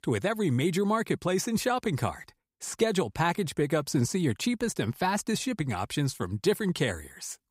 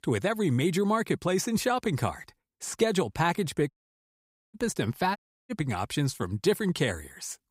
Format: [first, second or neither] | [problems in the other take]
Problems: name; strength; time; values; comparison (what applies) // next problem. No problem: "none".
first | audio cutting out; at 3.5 s for 1 s and at 5 s